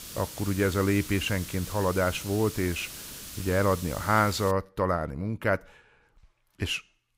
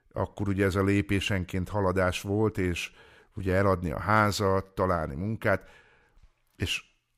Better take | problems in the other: second | hiss; noticeable; until 4.5 s; 10 dB below the speech

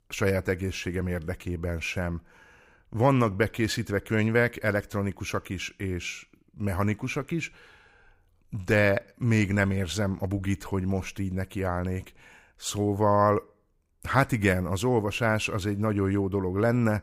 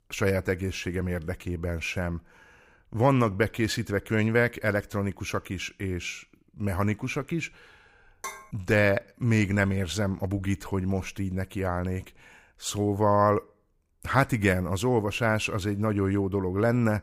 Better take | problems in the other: first | clattering dishes; faint; at 8 s; peak 10 dB below the speech

